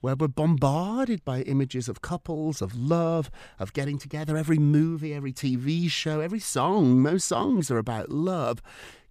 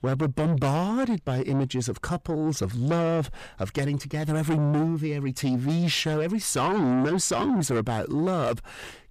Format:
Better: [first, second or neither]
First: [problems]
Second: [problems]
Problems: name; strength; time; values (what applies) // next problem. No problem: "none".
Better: first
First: none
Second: distortion; heavy; 7 dB below the speech